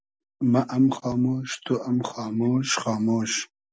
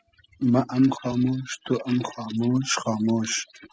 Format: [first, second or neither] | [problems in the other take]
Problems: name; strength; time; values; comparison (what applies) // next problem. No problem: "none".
first | noise reduction (classical method spectral subtraction)